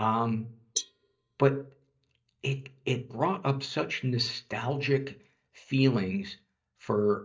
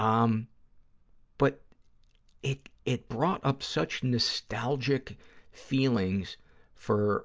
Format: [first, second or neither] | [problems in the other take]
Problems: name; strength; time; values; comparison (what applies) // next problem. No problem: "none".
second | noise reduction (neural mask model DeepFilterNet 3)